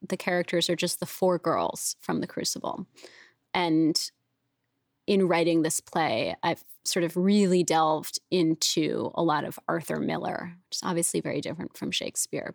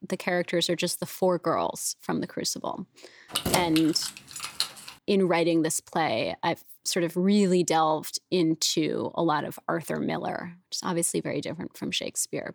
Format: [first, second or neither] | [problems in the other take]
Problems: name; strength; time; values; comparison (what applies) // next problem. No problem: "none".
first | jangling keys; loud; from 3.5 to 5 s; peak level with the speech